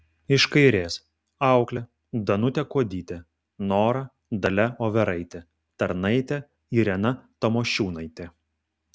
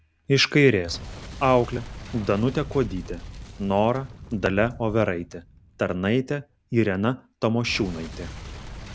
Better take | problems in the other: first | background sound (Boom); 15 dB below the speech

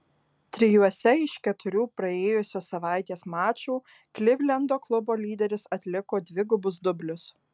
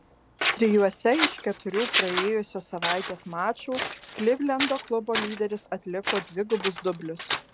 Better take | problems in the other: first | background sound (Scissors); 5 dB below the speech

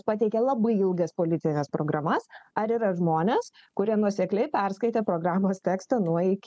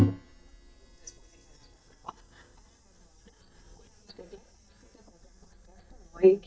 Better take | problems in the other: first | noise reduction (neural mask model DeepFilterNet 3)

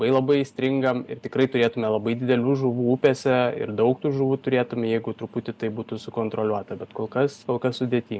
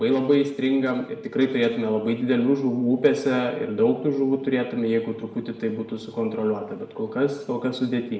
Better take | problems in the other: first | room echo; dies away in 0.7 s

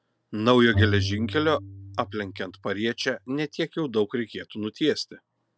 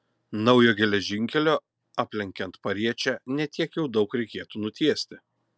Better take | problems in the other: second | background sound (Bowed string instrument); 5 dB below the speech

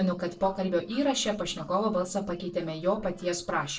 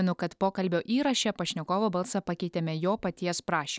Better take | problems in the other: second | noise reduction (neural separator model SepFormer DNS4)

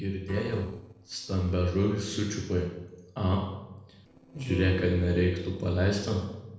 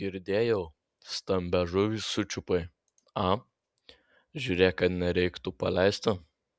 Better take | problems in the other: second | noise reduction (neural separator model SepFormer DNS4)

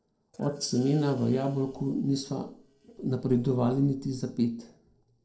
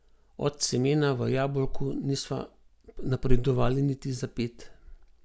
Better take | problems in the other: second | noise reduction (neural separator model SepFormer DNS4)

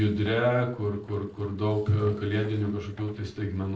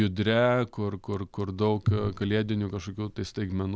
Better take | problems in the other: second | noise reduction (neural separator model SepFormer DNS4)

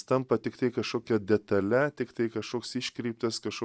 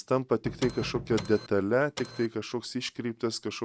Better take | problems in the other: first | background sound (Printer + Knock); 10 dB below the speech

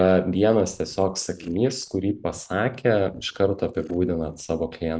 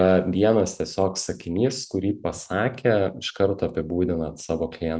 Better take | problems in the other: second | noise reduction (neural mask model Resemble Enhance denoiser)

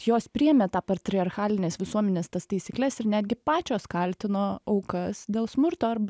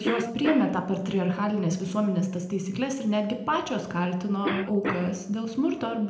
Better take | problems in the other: first | background sound (Cough); 11 dB below the speech // room echo; dies away in 0.7 s

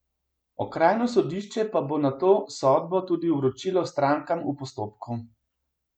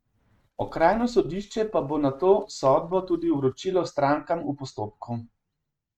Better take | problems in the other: first | noise reduction (neural mask model RNNoise)

